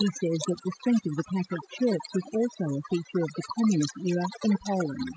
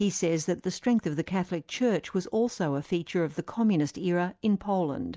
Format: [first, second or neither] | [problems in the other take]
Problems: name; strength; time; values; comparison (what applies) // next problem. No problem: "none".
second | noise reduction (classical method spectral subtraction)